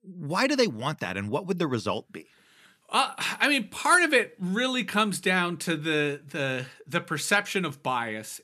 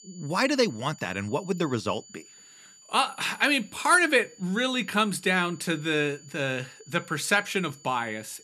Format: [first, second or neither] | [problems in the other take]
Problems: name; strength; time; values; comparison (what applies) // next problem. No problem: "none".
first | high-pitched whine; faint; throughout; 7 kHz, 25 dB below the speech